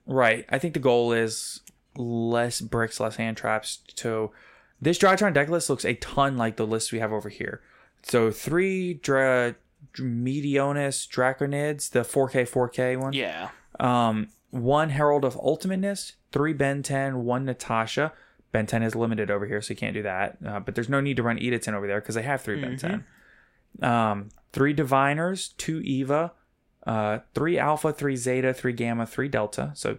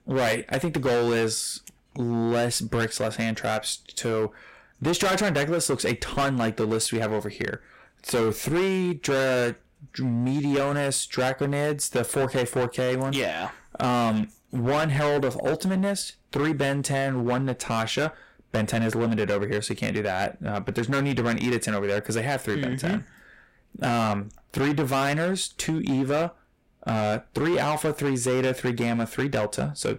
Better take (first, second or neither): first